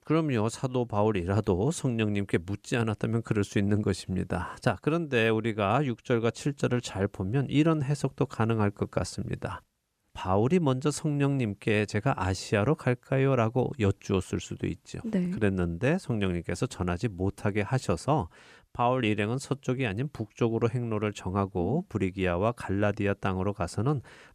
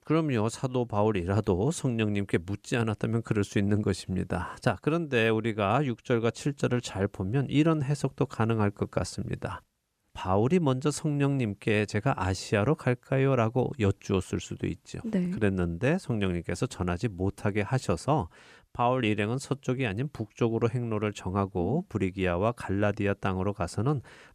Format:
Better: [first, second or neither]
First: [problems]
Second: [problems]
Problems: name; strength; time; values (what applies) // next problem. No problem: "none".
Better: neither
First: none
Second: none